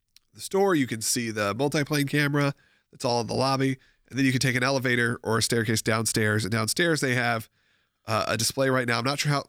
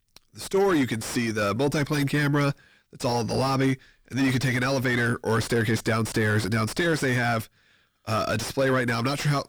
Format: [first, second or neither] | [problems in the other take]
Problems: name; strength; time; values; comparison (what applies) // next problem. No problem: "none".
first | distortion; heavy; 7 dB below the speech